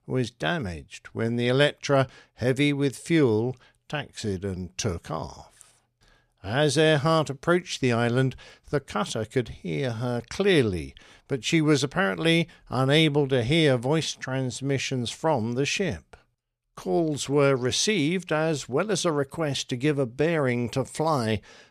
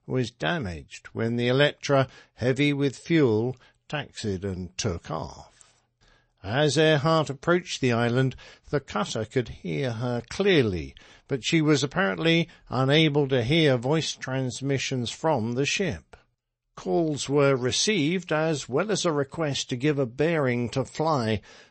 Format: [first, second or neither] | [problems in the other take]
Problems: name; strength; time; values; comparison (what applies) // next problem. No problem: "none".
first | garbled, watery; slightly; nothing above 8 kHz